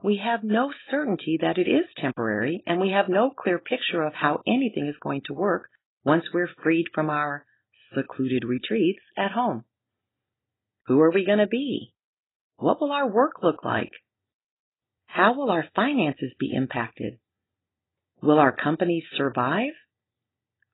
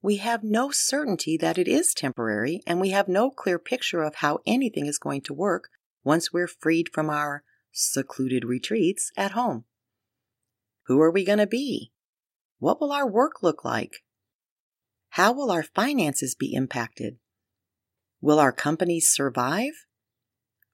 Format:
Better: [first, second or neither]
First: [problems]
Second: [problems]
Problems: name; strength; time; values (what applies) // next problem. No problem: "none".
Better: second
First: garbled, watery; badly; nothing above 4 kHz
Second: none